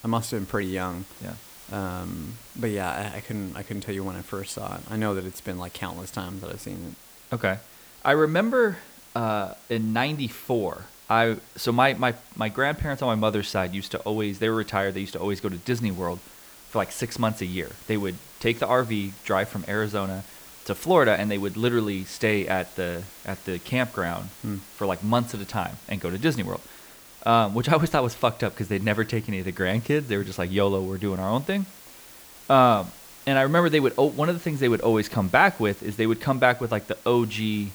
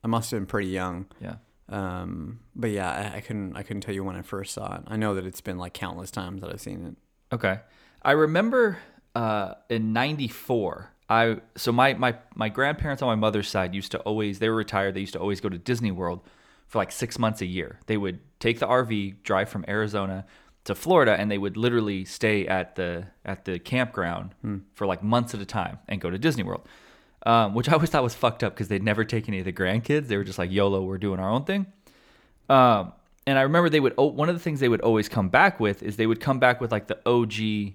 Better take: second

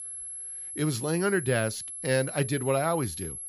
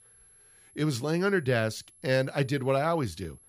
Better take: second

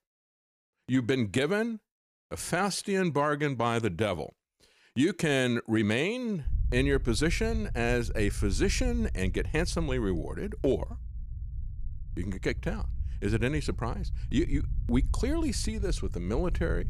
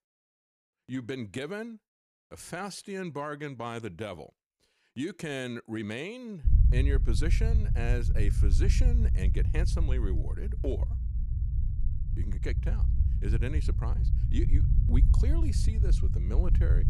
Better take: first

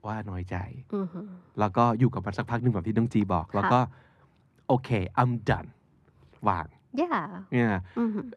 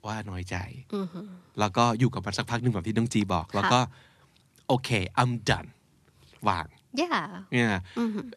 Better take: second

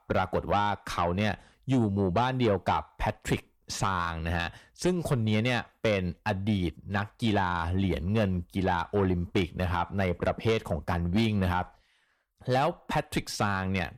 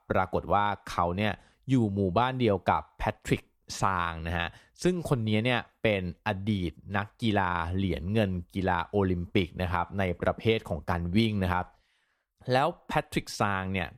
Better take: second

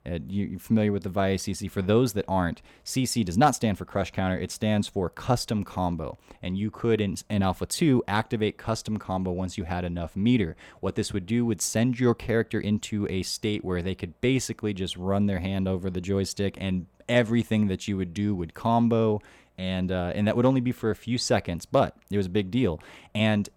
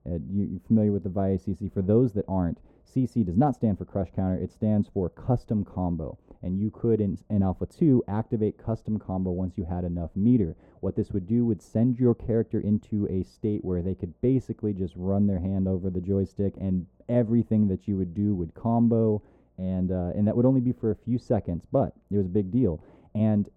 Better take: first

